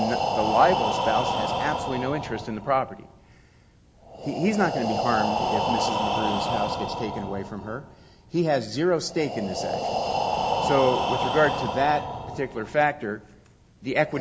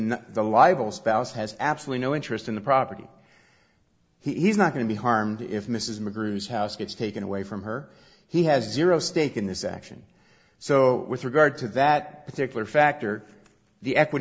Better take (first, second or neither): second